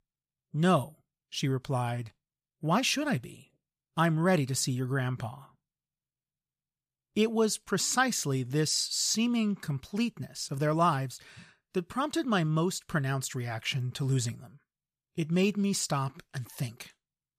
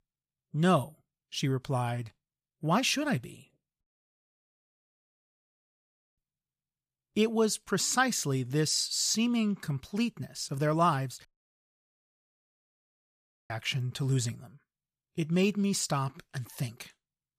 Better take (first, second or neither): first